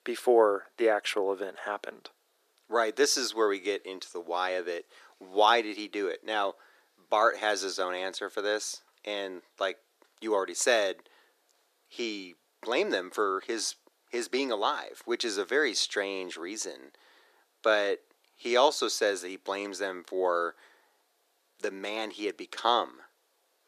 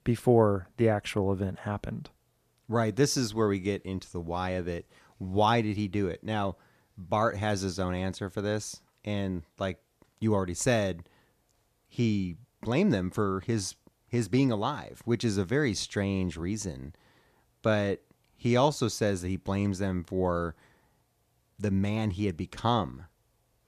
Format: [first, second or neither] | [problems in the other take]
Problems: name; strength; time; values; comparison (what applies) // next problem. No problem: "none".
second | thin; very; fading below 350 Hz